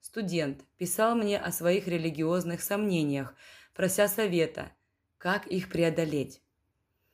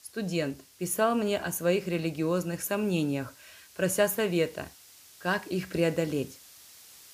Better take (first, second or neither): first